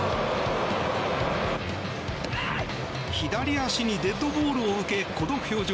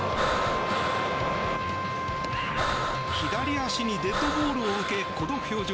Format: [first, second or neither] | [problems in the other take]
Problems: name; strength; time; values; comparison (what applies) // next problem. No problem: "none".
first | background sound (Wind instrument, woodwind instrument + Breathing); 1 dB below the speech